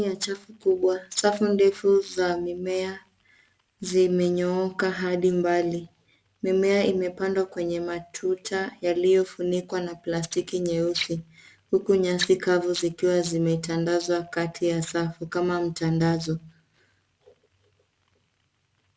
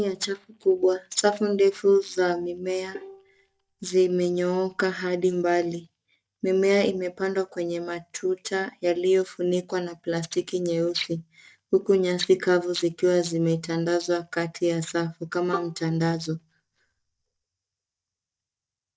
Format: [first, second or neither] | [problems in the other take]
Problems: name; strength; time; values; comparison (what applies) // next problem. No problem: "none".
first | noise reduction (neural mask model DeepFilterNet 3)